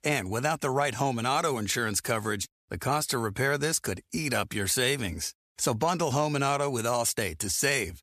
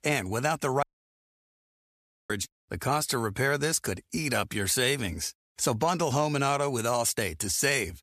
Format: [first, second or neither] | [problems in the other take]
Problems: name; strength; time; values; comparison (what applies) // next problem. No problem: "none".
first | audio cutting out; at 1 s for 1.5 s